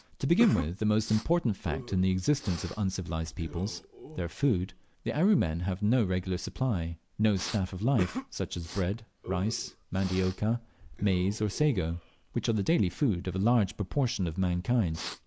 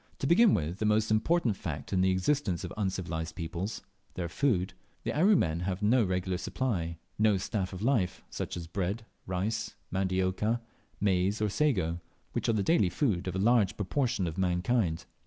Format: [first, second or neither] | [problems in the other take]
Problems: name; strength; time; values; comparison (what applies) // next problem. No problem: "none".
second | background sound (Respiratory sounds); 16 dB below the speech